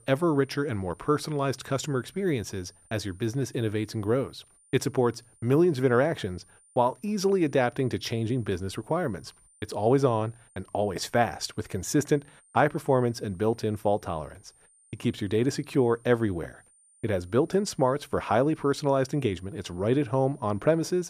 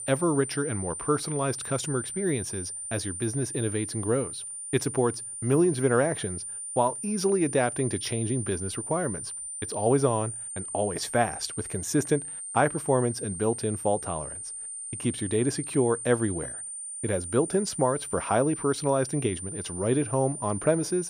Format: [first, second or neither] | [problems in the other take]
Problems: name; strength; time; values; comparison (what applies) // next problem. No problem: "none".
first | high-pitched whine; loud; throughout; 9 kHz, 6 dB below the speech; faint in the first